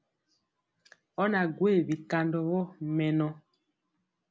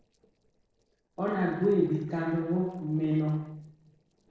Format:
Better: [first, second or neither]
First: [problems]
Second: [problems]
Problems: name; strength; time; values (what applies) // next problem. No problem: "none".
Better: first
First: none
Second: noise reduction (neural separator model SepFormer DNS4)